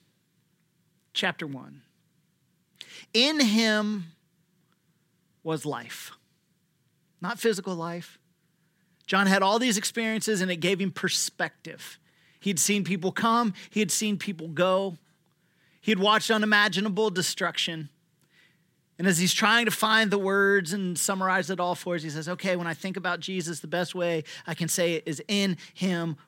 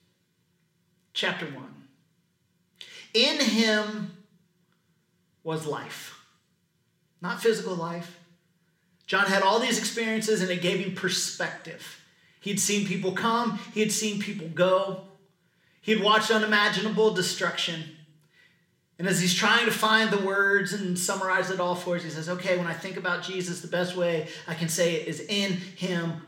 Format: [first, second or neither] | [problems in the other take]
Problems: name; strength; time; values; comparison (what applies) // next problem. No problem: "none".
first | room echo; slight; dies away in 0.6 s